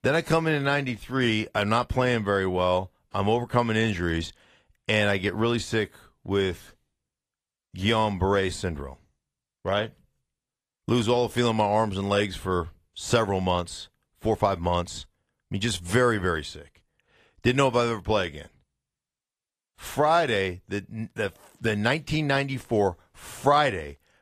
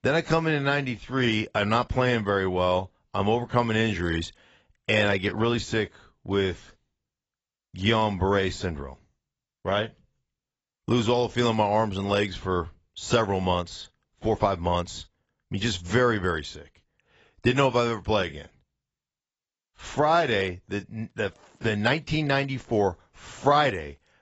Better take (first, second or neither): first